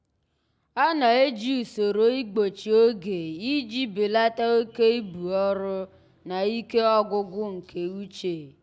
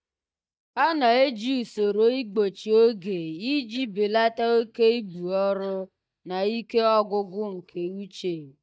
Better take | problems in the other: first | noise reduction (neural mask model DeepFilterNet 3)

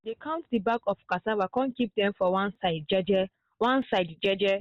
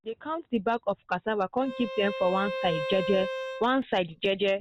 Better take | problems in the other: first | background sound (Bowed string instrument); 7 dB below the speech

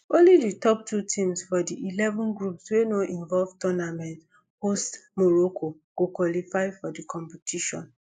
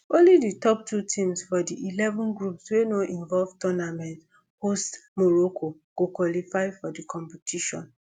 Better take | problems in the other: second | noise reduction (neural mask model Resemble Enhance denoiser)

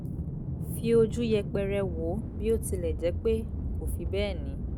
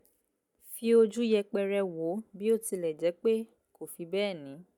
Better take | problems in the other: second | background sound (Aircraft); 2 dB below the speech

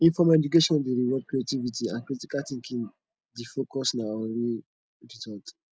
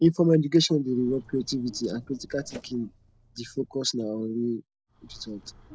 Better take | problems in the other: first | noise reduction (neural separator model SepFormer DNS4)

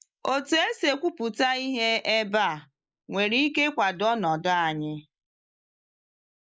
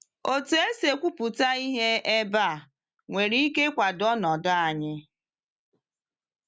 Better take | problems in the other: second | noise reduction (neural mask model Resemble Enhance denoiser)

